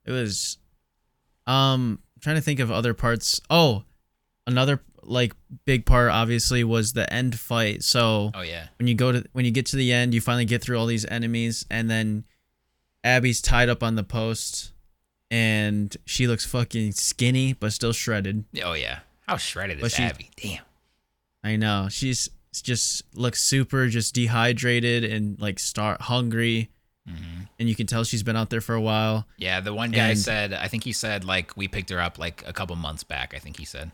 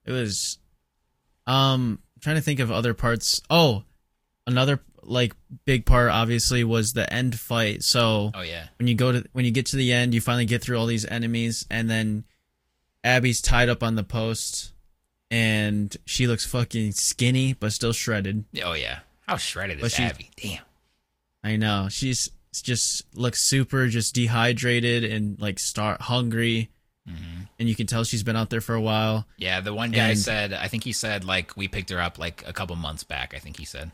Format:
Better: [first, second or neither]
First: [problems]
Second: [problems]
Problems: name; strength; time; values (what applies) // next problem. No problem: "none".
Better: first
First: none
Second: garbled, watery; slightly; nothing above 15 kHz